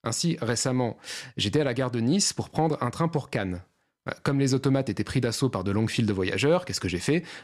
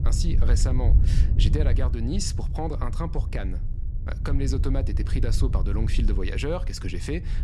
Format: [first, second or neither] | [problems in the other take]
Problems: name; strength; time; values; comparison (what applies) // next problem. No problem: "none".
first | wind noise on the microphone; heavy; 9 dB below the speech